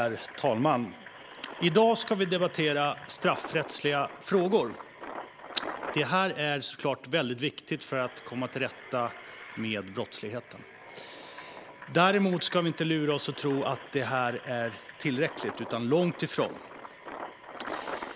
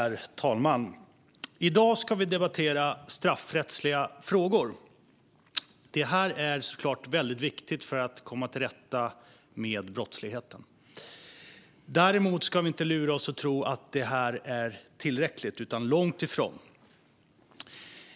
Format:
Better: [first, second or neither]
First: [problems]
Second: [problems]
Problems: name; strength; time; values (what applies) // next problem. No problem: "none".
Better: second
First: background sound (Engine); 14 dB below the speech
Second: none